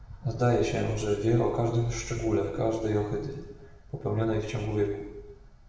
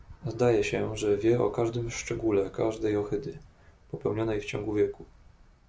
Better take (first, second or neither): second